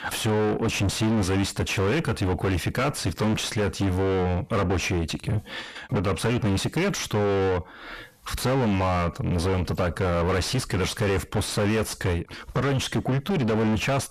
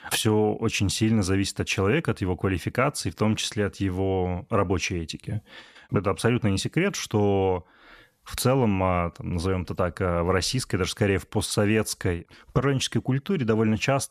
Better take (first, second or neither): second